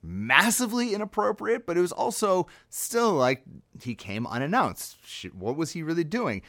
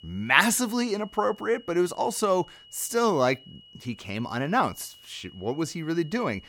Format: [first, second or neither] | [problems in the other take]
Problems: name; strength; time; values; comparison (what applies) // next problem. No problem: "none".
first | high-pitched whine; faint; throughout; 3 kHz, 25 dB below the speech